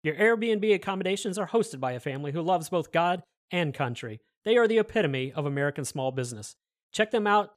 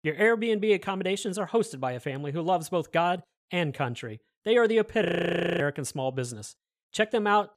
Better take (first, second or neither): first